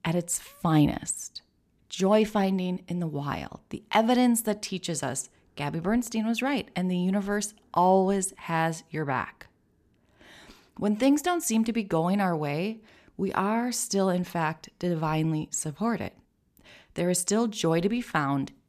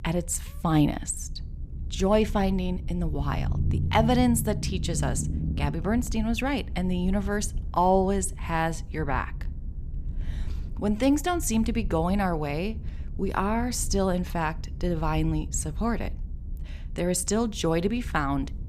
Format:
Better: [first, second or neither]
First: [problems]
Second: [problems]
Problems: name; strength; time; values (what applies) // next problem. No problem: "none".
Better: first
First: none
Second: low rumble; noticeable; throughout; 20 dB below the speech